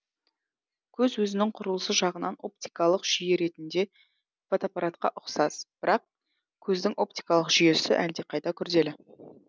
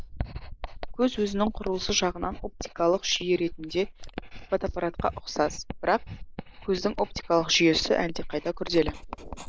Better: first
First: none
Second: noise reduction (neural mask model Resemble Enhance denoiser)

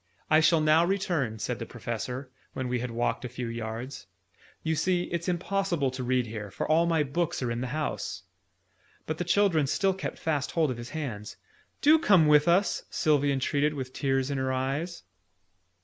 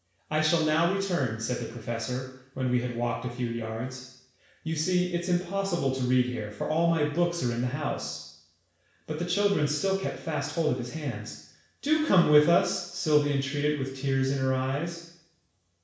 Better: first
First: none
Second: room echo; dies away in 0.7 s

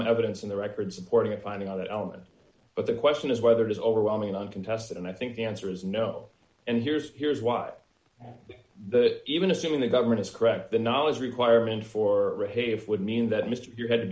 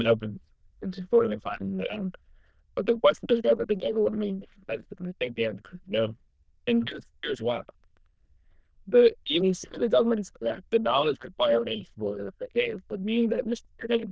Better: first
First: none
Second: noise reduction (neural diffusion model UNIVERSE++)

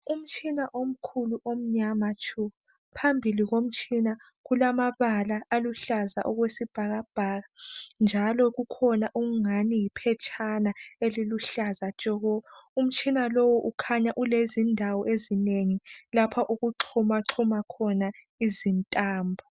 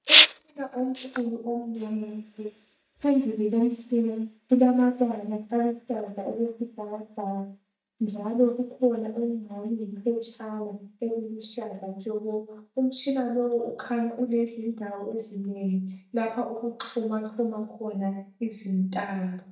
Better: first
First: none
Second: noise reduction (neural mask model DeepFilterNet 3)

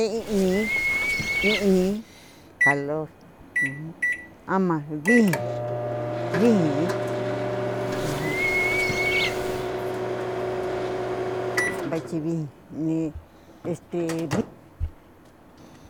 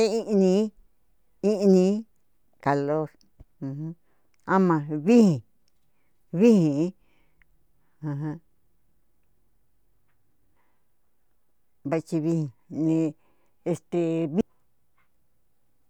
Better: second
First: background sound (Bird + Microwave oven); as loud as the speech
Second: none

